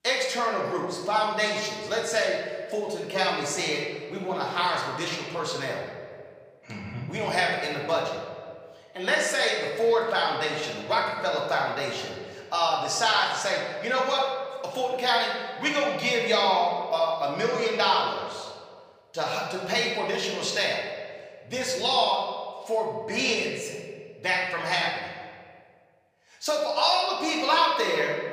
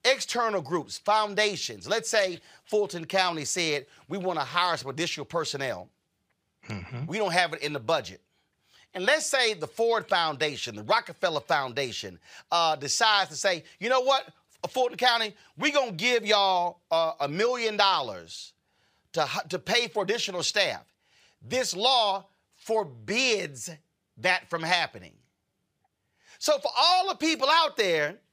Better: second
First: room echo; noticeable; dies away in 1.5 s // off-mic speech; far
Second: none

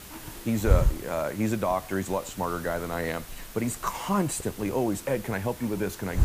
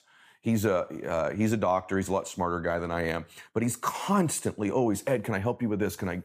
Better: second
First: hiss; loud; throughout; 6 dB below the speech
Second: none

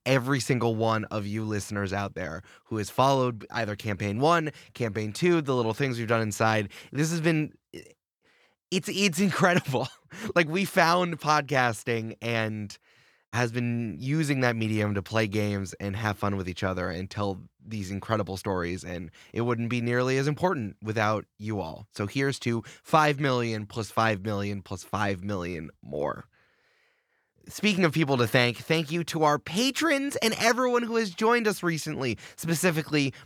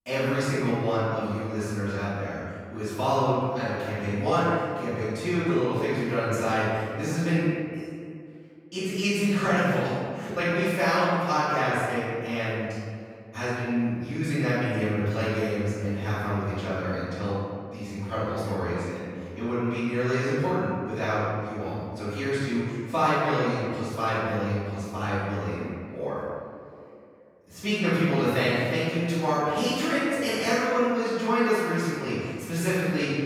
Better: first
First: none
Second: off-mic speech; far // room echo; strong; dies away in 1.9 s

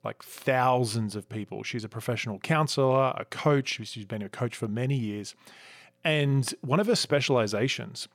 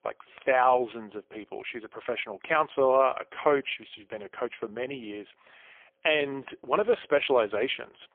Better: first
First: none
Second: phone-call audio; poor line; nothing above 3.5 kHz

